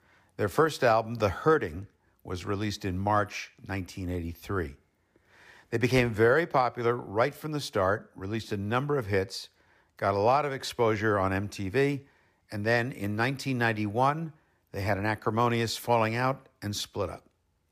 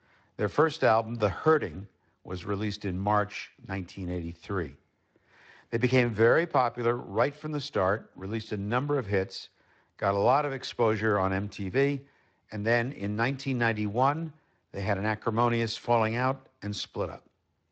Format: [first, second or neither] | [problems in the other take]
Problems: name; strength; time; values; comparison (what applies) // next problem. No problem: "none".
first | garbled, watery; slightly; nothing above 7.5 kHz